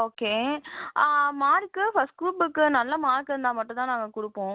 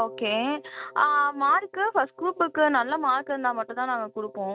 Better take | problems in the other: first | noise reduction (neural mask model RNNoise)

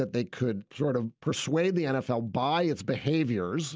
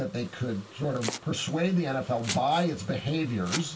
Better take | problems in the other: first | background sound (Domestic sounds, home sounds); 12 dB below the speech // room echo; dies away in 0.2 s

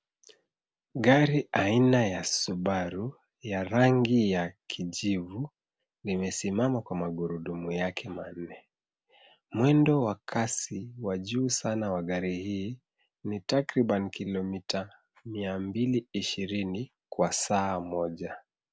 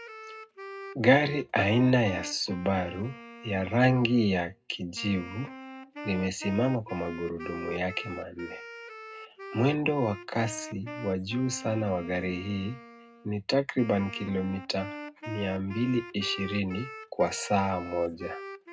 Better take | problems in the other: first | background sound (Wind instrument, woodwind instrument); 14 dB below the speech // room echo; dies away in 0.2 s

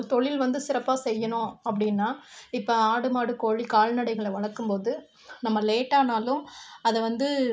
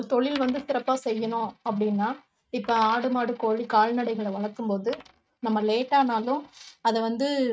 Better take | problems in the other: first | noise reduction (neural mask model RNNoise)

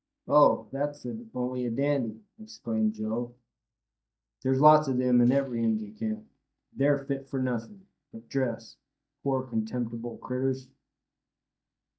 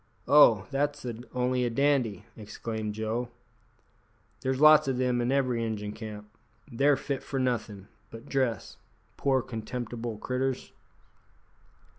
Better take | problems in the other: second | noise reduction (neural mask model DeepFilterNet 3)

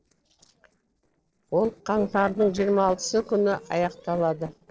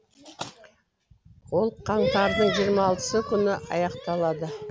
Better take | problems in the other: second | noise reduction (neural separator model SepFormer DNS4)

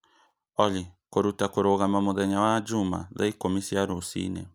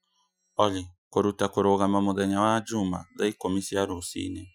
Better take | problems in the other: first | noise reduction (classical method Wiener filter)

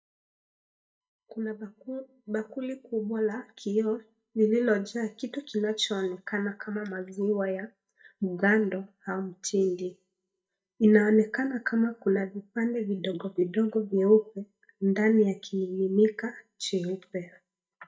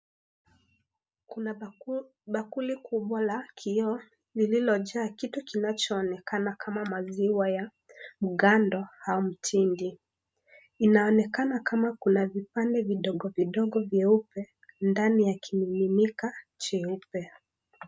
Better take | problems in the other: second | noise reduction (neural mask model DeepFilterNet 3)

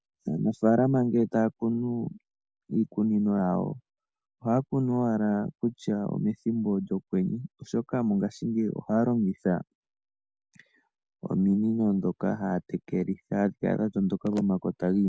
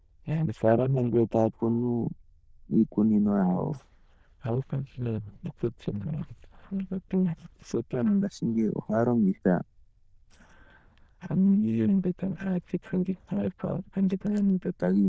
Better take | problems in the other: first | noise reduction (neural diffusion model UNIVERSE++)

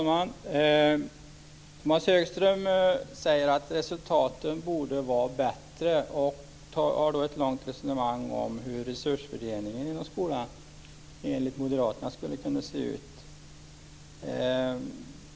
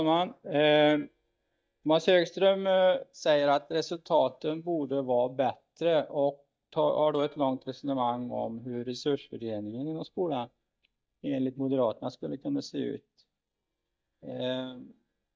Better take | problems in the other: first | noise reduction (neural mask model DeepFilterNet 3)

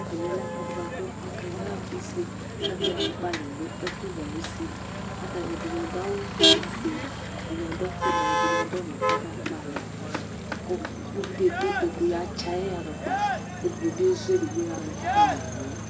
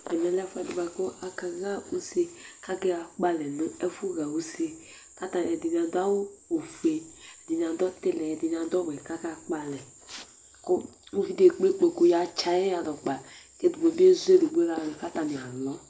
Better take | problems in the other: second | background sound (Motor vehicle (road)); 3 dB above the speech

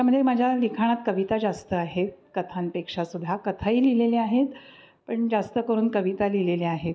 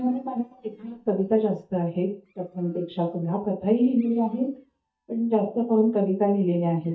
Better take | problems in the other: first | noise reduction (neural mask model DeepFilterNet 3)

